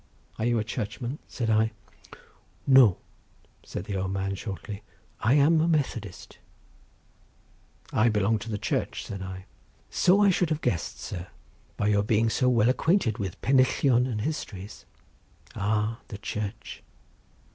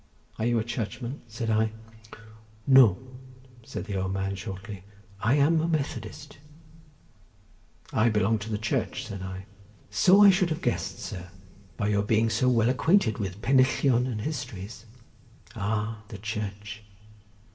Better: first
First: none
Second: room echo; dies away in 1.5 s

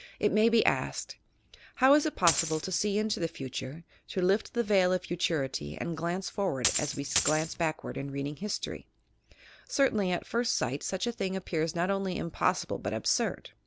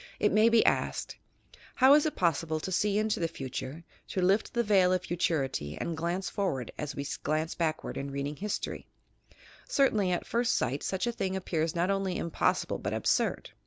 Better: second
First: background sound (Coin (dropping)); 2 dB below the speech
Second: none

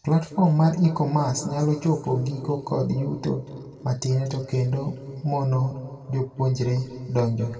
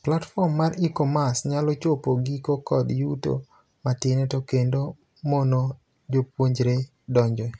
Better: second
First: room echo; dies away in 2.2 s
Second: none

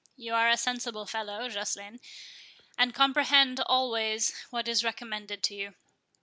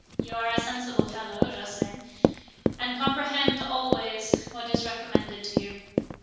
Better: first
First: none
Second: background sound (Run); 3 dB above the speech // room echo; dies away in 1.3 s

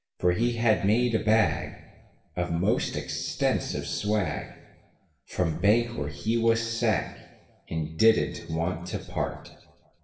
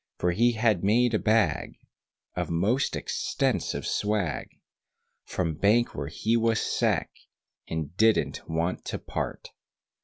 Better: second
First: room echo; dies away in 1 s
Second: none

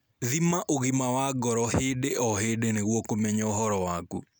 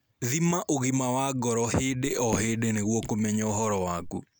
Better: first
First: none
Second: background sound (Raindrop / Drip); 12 dB below the speech

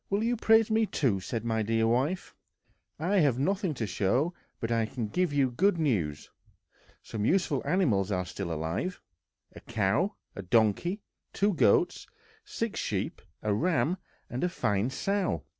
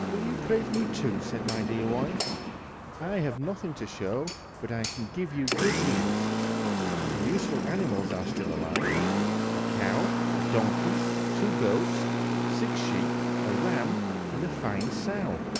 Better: first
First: none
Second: background sound (Engine); 3 dB above the speech

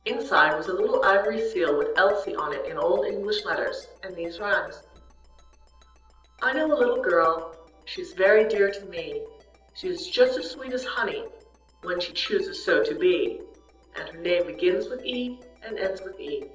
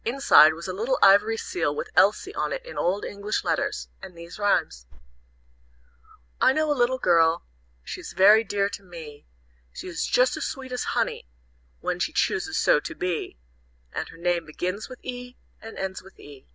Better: second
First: noise reduction (neural separator model SepFormer DNS4)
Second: none

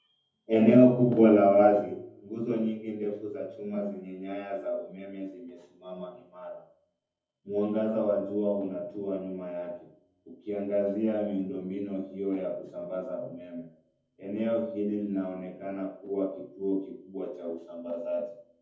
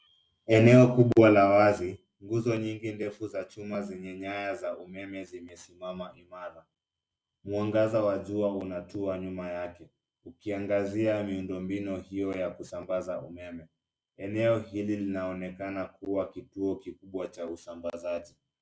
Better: second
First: room echo; dies away in 0.6 s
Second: none

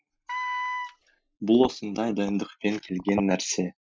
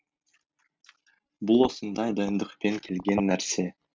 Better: second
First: noise reduction (classical method Wiener filter)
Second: none

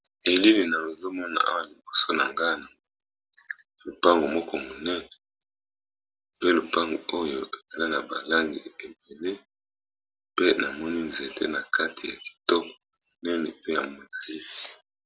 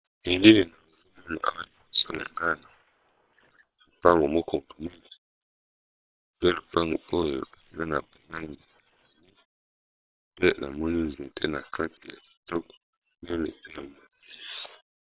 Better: first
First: none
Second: noise reduction (neural separator model SepFormer WHAM!)

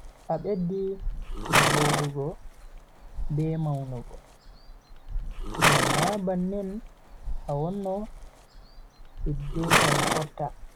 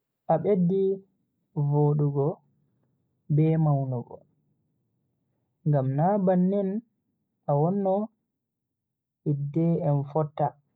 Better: second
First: background sound (Livestock, farm animals, working animals); 2 dB above the speech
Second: none

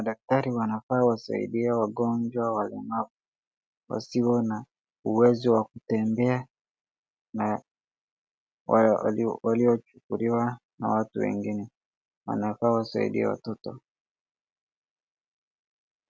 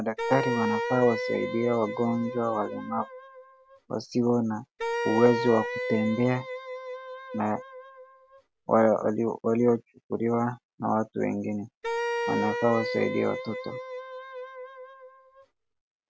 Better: first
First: none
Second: background sound (Wind instrument, woodwind instrument); 5 dB below the speech

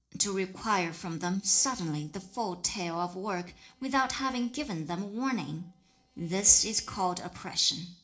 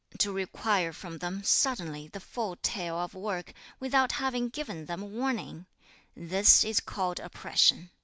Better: second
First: noise reduction (neural separator model SepFormer DNS4)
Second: none

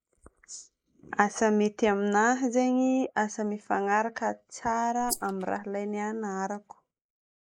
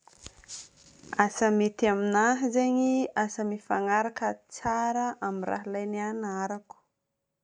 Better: second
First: noise reduction (neural mask model Resemble Enhance denoiser)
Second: none

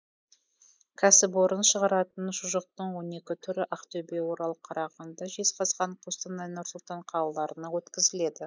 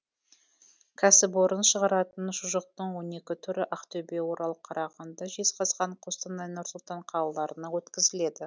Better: second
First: noise reduction (neural mask model Resemble Enhance denoiser)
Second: none

